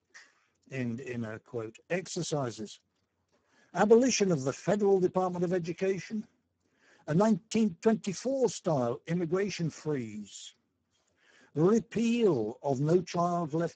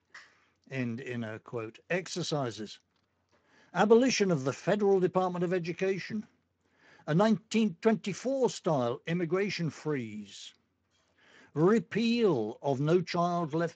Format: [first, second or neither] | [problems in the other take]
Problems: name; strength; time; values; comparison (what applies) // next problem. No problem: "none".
second | garbled, watery; badly; nothing above 7.5 kHz; slightly in the second